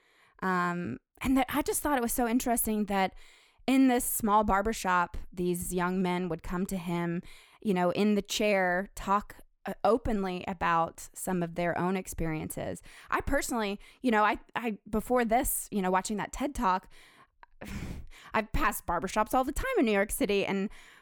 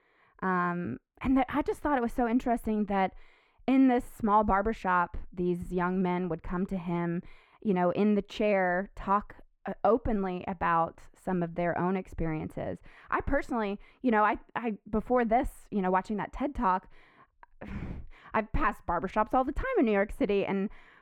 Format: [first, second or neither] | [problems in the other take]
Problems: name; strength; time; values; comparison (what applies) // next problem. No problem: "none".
first | muffled; very; fading above 4 kHz